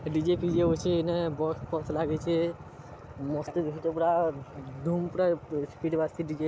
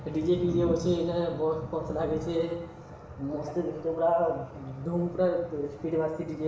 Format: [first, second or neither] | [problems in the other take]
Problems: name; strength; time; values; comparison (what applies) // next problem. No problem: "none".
first | room echo; dies away in 0.9 s